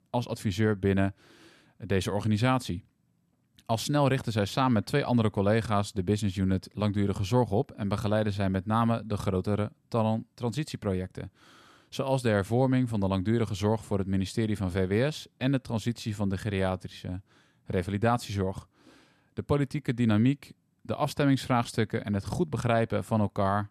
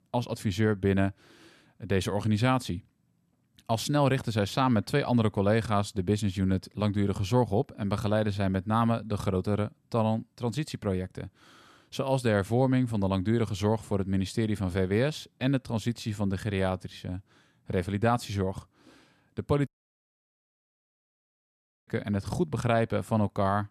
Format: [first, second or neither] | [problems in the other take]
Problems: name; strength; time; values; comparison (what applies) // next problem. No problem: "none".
first | audio cutting out; at 20 s for 2 s